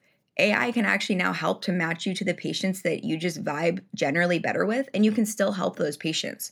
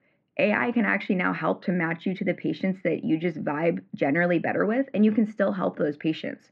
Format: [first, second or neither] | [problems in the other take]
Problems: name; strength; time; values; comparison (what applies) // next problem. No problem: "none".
first | muffled; very; fading above 2.5 kHz